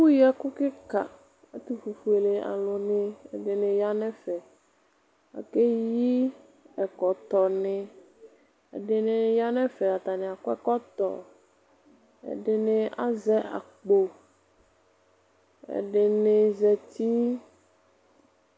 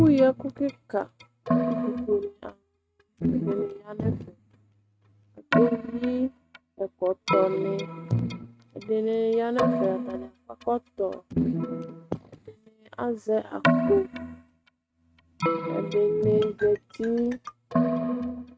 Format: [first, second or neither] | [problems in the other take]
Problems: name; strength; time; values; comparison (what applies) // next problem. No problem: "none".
first | noise reduction (neural mask model RNNoise)